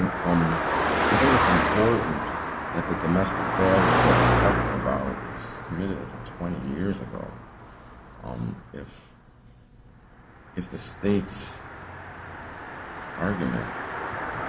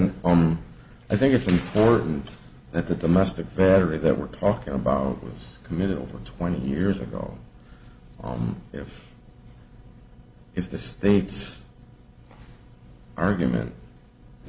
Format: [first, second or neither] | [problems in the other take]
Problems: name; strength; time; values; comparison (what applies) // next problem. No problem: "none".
second | background sound (Car passing by); 2 dB above the speech